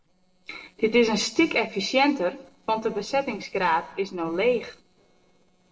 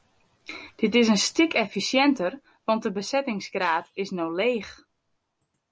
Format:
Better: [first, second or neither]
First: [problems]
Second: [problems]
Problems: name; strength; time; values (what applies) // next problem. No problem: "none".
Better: second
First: noise reduction (neural separator model SepFormer DNS4)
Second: none